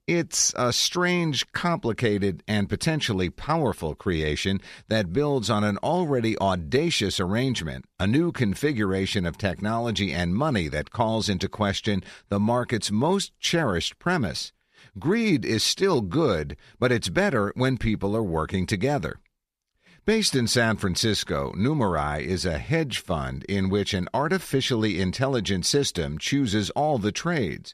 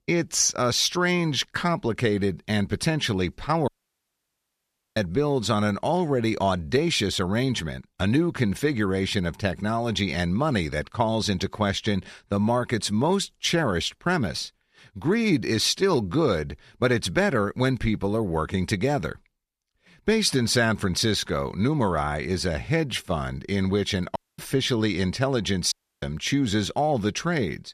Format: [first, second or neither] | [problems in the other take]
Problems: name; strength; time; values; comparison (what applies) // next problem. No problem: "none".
first | audio cutting out; at 3.5 s for 1.5 s, at 24 s and at 26 s